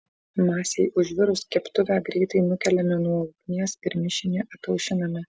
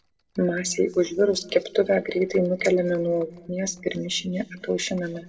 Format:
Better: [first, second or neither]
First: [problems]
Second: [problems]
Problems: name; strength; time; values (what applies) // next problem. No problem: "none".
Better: first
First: none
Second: noise reduction (neural separator model SepFormer DNS4)